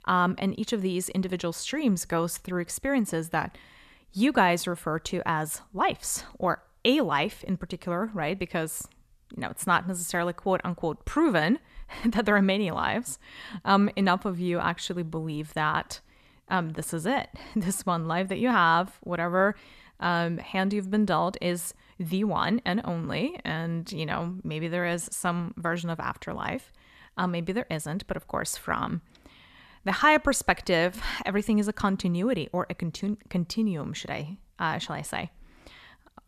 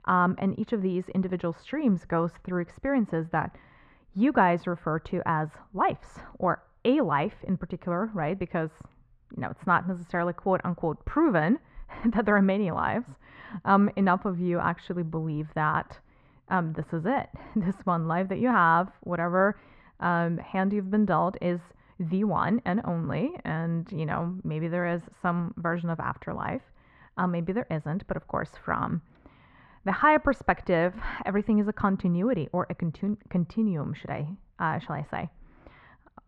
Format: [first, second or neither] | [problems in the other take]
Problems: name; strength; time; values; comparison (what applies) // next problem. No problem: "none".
first | muffled; very; fading above 1.5 kHz